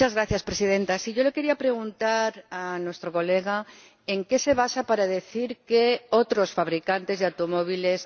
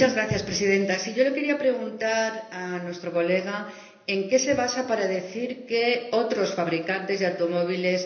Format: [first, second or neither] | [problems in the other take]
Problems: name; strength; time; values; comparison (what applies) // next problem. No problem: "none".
first | room echo; dies away in 0.8 s